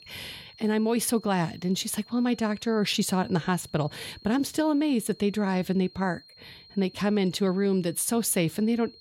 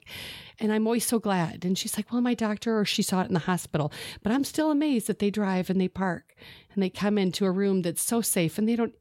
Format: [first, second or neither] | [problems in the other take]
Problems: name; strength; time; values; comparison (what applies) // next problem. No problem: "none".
second | high-pitched whine; faint; throughout; 4 kHz, 25 dB below the speech